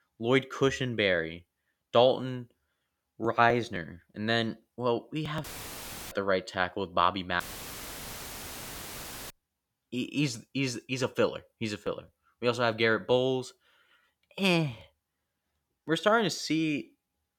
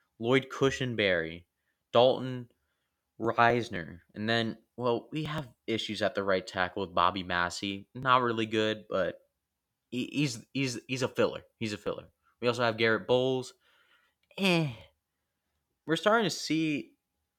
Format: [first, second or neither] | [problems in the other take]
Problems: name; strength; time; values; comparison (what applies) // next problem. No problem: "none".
second | audio cutting out; filled with static; at 5.5 s for 0.5 s and at 7.5 s for 2 s